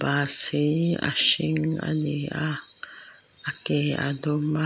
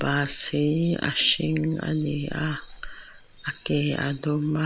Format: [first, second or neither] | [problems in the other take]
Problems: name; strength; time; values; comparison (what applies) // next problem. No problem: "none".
first | background sound (Meow / Purr); 18 dB below the speech